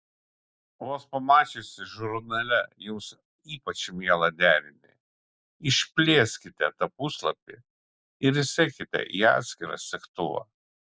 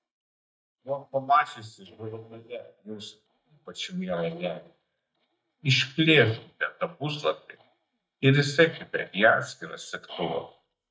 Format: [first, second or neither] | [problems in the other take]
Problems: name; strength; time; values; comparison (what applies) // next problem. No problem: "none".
first | noise reduction (neural mask model DeepFilterNet 3)